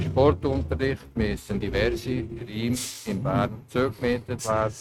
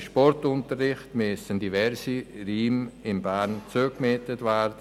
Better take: second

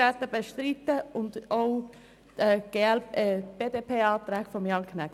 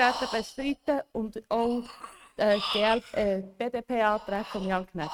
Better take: first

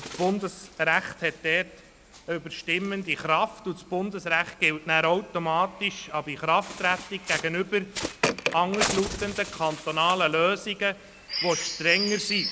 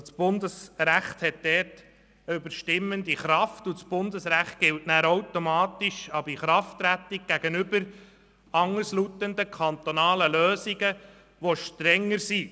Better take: second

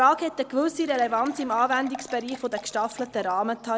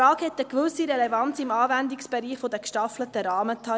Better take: second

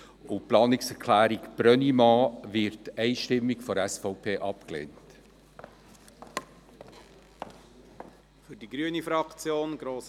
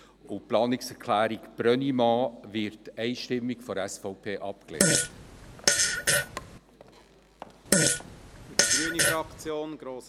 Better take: first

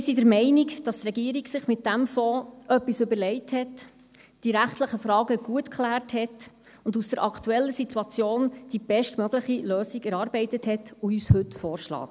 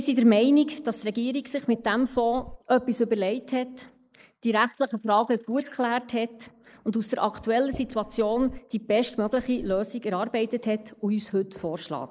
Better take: first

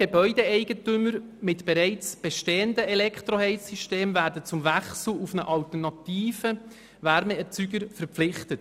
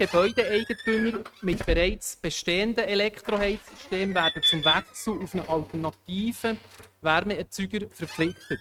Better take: first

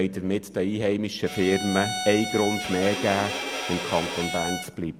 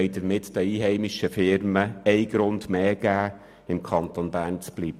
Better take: second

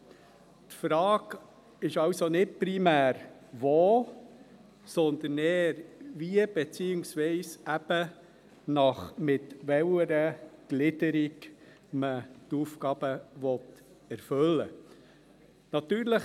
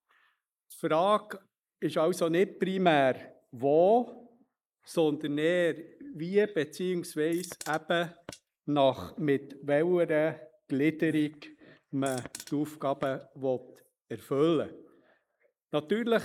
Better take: first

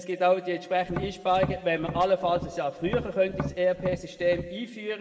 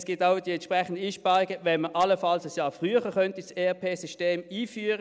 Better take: second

